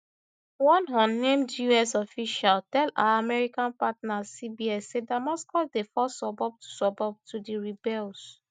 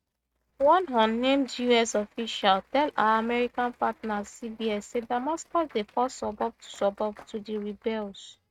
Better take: first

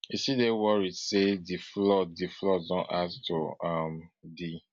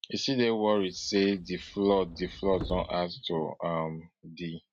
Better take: first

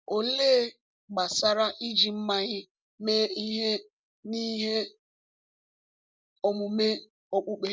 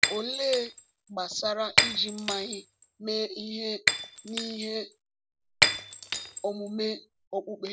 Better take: first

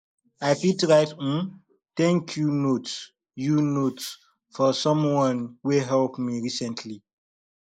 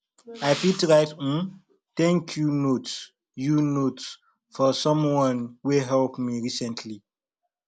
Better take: second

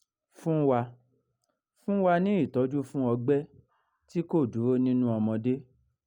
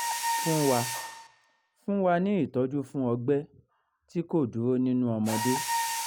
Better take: first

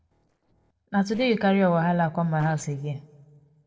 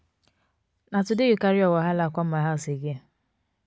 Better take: second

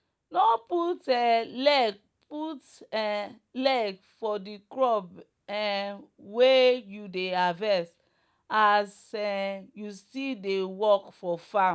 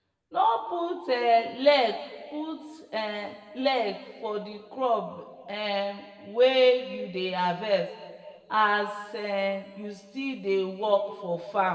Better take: first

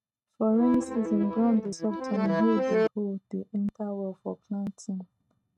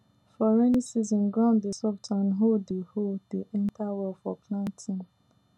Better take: second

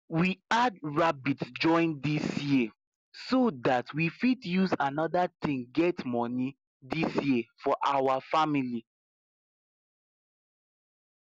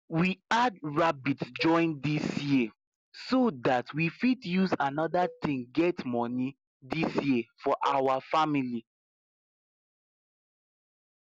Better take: first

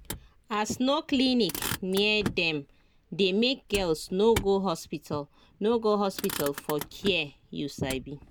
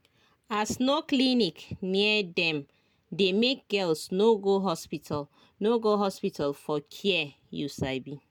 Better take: second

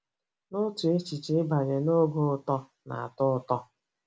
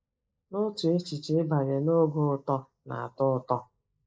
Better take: first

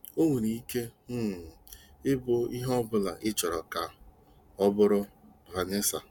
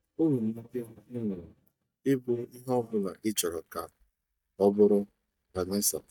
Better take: first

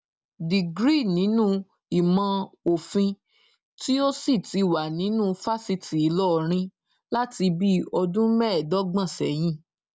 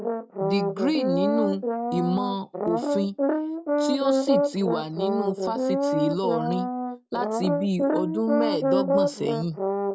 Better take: first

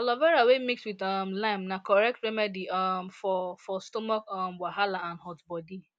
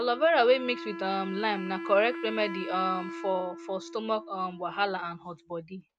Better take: first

